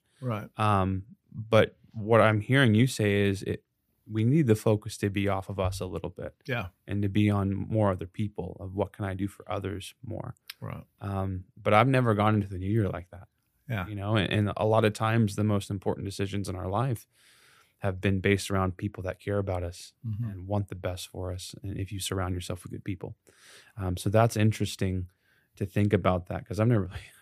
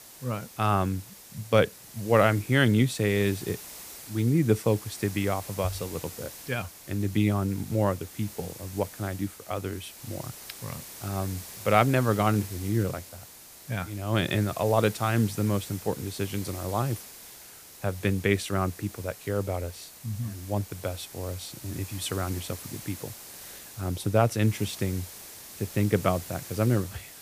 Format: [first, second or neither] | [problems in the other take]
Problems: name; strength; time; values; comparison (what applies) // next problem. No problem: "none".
first | hiss; noticeable; throughout; 15 dB below the speech